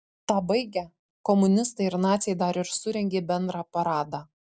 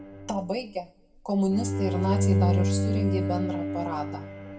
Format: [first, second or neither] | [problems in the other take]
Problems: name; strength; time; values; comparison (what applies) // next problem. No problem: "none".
first | background sound (Bowed string instrument); 3 dB above the speech // room echo; dies away in 0.4 s